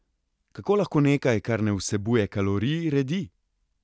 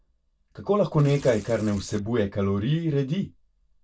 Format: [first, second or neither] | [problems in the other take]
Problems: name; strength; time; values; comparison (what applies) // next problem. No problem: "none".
first | background sound (Tearing); 20 dB below the speech // room echo; dies away in 0.1 s